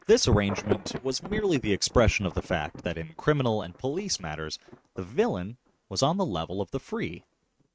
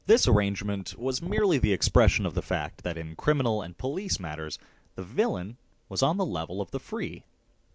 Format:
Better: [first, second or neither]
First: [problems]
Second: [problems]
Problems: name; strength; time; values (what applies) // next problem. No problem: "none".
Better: second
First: noise reduction (neural mask model RNNoise)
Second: none